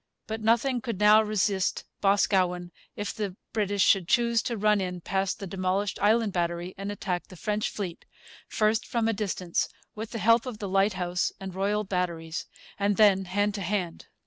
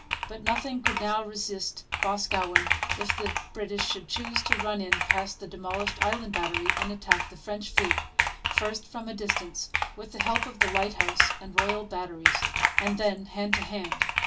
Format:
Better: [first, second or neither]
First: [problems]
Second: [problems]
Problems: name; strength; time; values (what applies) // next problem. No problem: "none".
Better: first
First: none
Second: background sound (Computer keyboard); 3 dB above the speech // room echo; dies away in 0.2 s